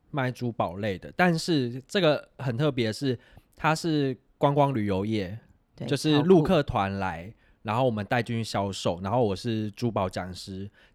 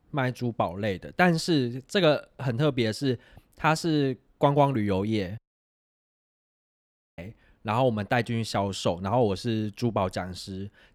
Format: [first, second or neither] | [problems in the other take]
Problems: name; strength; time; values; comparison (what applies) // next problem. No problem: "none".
first | audio cutting out; at 5.5 s for 2 s